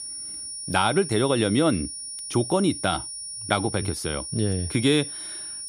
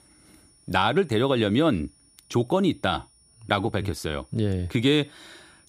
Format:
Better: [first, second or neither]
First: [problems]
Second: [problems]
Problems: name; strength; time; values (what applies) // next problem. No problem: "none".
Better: second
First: high-pitched whine; loud; throughout; 9.5 kHz, 8 dB below the speech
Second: high-pitched whine; faint; throughout; 9.5 kHz, 30 dB below the speech